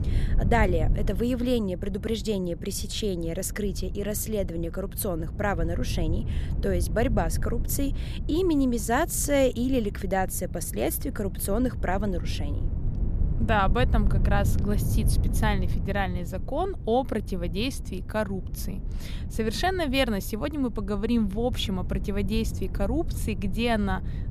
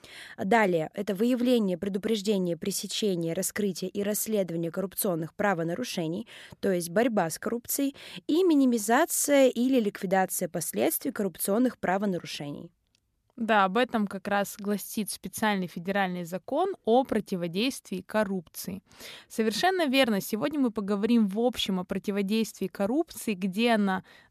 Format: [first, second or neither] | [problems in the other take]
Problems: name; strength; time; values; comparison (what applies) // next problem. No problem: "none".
second | wind noise on the microphone; occasional gusts; 15 dB below the speech